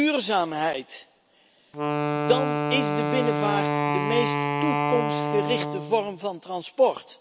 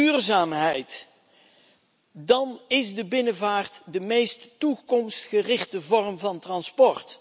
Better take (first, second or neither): second